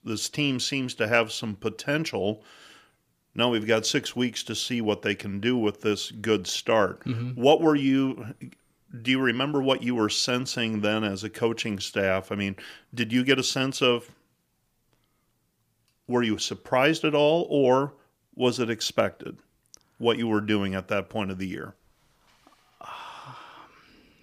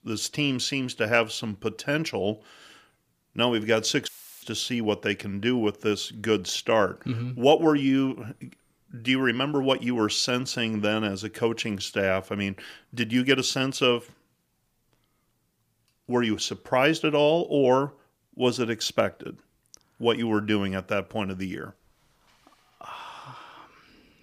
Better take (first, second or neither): first